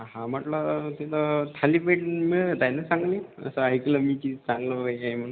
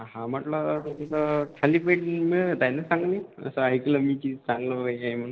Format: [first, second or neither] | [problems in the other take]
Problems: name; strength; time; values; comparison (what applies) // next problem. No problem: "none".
first | noise reduction (neural separator model SepFormer DNS4)